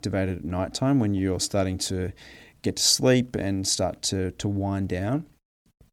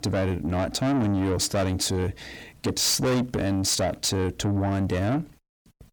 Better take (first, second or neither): first